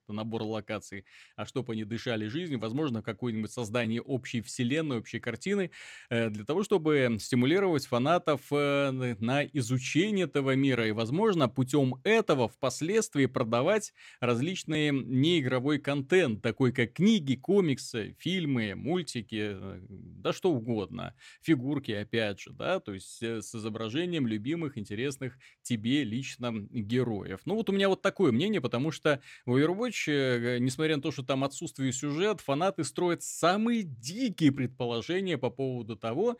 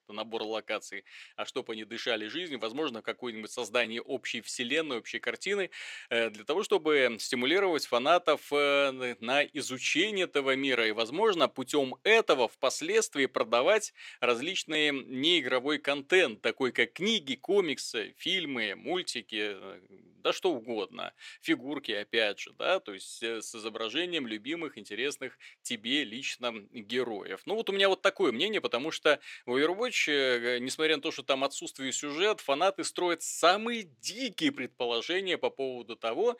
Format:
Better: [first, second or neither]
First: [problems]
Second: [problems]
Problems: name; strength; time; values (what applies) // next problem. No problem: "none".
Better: first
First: none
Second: thin; somewhat; fading below 450 Hz